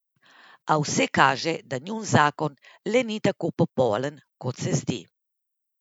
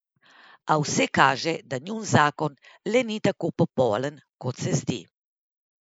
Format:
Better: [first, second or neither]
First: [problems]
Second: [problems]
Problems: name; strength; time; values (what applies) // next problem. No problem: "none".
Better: first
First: none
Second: noise reduction (neural mask model Resemble Enhance denoiser)